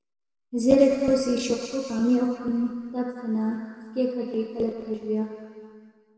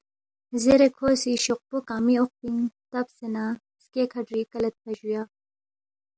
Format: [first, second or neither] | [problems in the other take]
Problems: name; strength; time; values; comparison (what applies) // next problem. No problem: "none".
second | room echo; dies away in 2.2 s